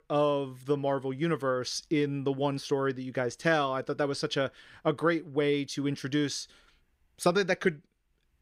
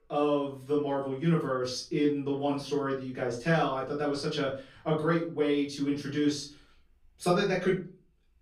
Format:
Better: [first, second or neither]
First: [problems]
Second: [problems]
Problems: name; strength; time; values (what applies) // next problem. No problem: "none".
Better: first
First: none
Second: off-mic speech; far // room echo; slight; dies away in 0.3 s